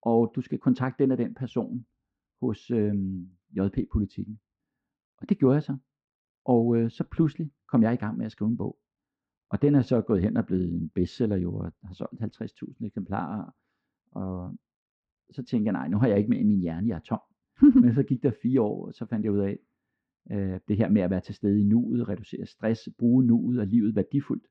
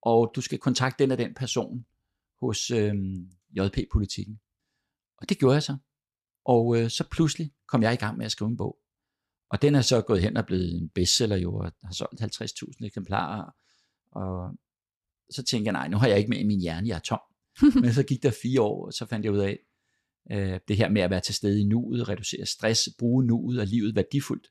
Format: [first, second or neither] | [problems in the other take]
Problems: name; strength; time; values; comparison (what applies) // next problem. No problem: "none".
second | muffled; very; fading above 1.5 kHz